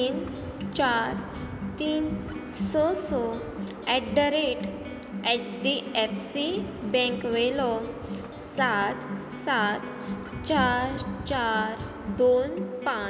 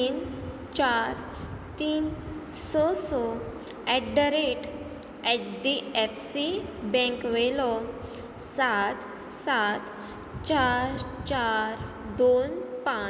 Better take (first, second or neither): second